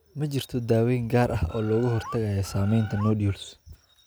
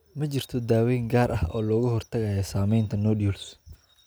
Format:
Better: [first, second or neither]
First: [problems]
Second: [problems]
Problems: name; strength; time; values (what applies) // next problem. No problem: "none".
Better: second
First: background sound (Bird); 15 dB below the speech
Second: none